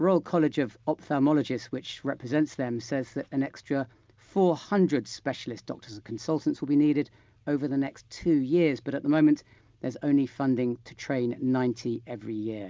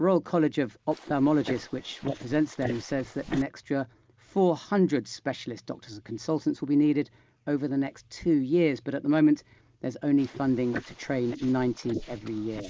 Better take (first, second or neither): first